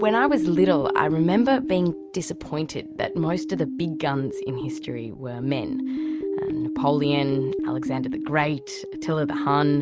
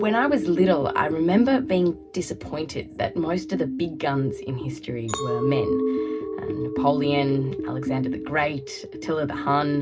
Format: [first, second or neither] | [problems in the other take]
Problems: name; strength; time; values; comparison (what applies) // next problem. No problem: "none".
first | background sound (Chink, clink); 10 dB below the speech // room echo; dies away in 0.4 s